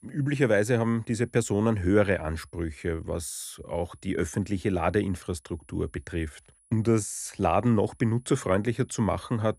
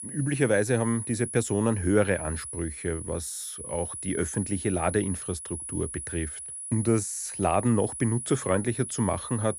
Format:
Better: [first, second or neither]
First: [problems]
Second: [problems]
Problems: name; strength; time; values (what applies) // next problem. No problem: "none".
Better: first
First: high-pitched whine; faint; throughout; 10.5 kHz, 35 dB below the speech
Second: high-pitched whine; loud; throughout; 10.5 kHz, 7 dB below the speech